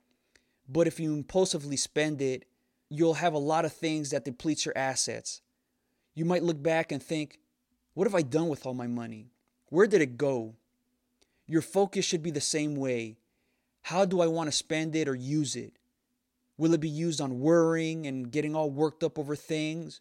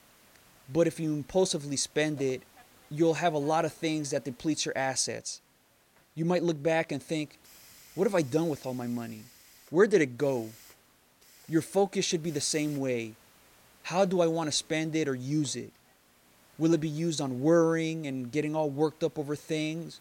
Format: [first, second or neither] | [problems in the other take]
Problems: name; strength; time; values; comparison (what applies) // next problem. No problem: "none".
first | hiss; faint; throughout; 25 dB below the speech